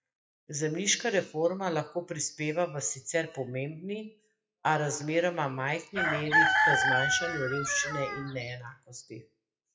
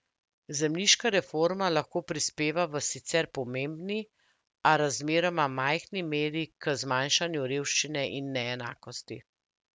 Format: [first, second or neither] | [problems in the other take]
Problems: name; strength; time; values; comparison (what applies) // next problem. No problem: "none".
second | noise reduction (classical method WPE with log-MMSE)